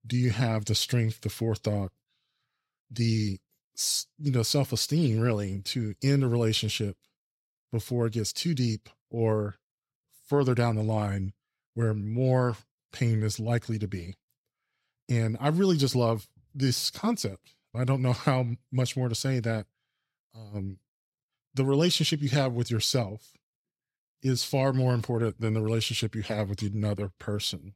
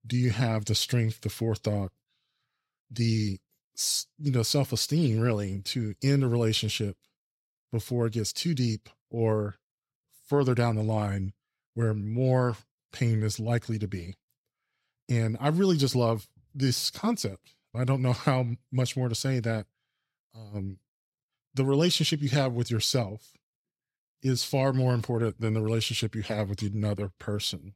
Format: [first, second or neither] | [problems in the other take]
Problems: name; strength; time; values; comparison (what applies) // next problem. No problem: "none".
neither | none